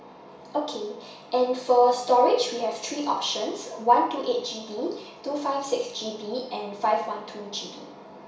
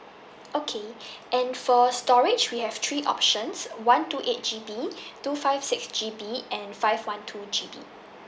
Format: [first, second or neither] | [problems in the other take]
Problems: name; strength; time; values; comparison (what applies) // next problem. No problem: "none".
second | room echo; dies away in 0.6 s